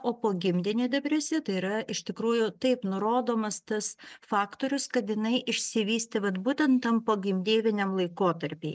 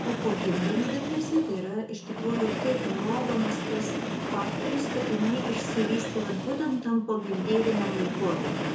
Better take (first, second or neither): first